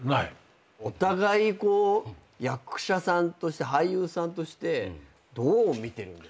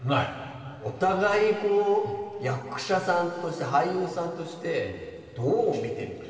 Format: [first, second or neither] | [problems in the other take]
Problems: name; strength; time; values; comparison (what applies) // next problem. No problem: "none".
first | room echo; dies away in 2.5 s